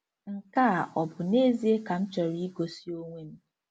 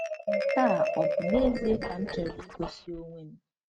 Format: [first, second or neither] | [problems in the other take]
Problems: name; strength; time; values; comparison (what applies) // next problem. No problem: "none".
first | noise reduction (neural mask model RNNoise)